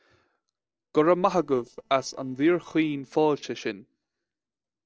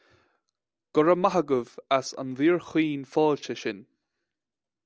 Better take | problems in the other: second | noise reduction (neural separator model SepFormer DNS4)

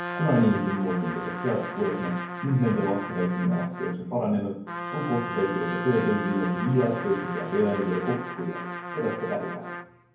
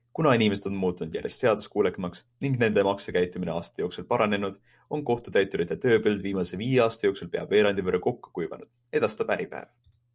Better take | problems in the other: second | background sound (Trumpet); 8 dB below the speech // room echo; dies away in 0.9 s

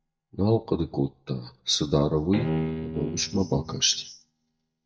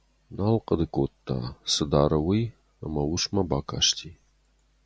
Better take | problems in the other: second | noise reduction (neural mask model DeepFilterNet 3)

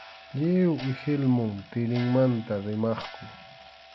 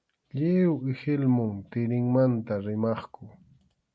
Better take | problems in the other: second | background sound (Clock); 18 dB below the speech

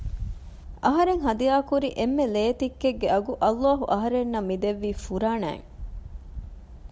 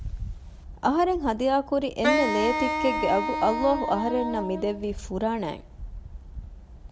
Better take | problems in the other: first | background sound (Wind instrument, woodwind instrument); 2 dB below the speech

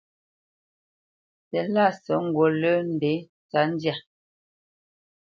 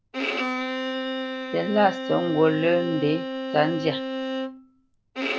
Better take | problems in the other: first | background sound (Bowed string instrument); 4 dB below the speech

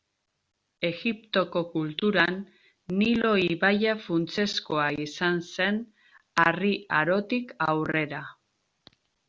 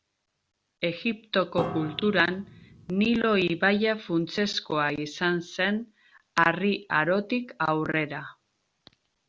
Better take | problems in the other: first | background sound (Piano); 11 dB below the speech

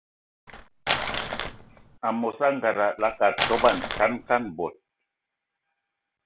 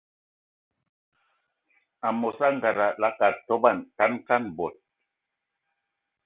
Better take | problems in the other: second | background sound (Crumpling, crinkling); 4 dB below the speech

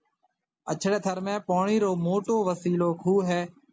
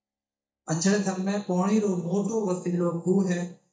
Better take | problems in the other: first | noise reduction (neural mask model DeepFilterNet 3)

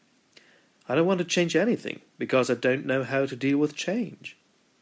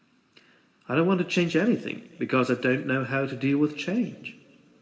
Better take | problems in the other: first | room echo; dies away in 1.2 s

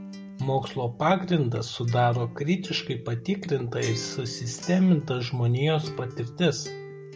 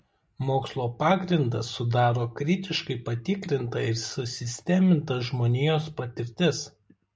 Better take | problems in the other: second | background sound (Acoustic guitar); 15 dB below the speech

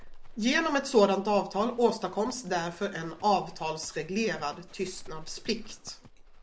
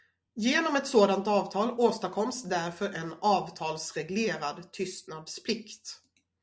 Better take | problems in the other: second | background sound (Livestock, farm animals, working animals); 17 dB below the speech

